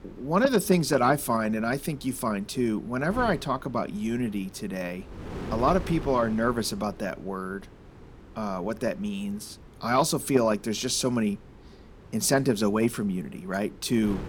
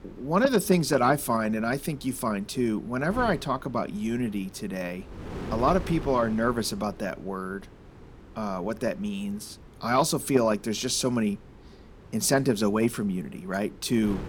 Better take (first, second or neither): neither